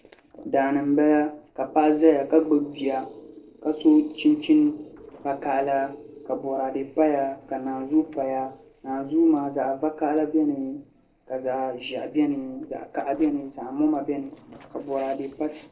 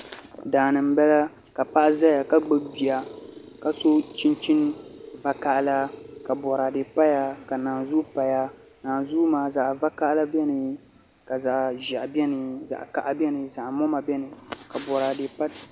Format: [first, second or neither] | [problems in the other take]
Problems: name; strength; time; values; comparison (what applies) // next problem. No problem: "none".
second | noise reduction (neural separator model SepFormer DNS4)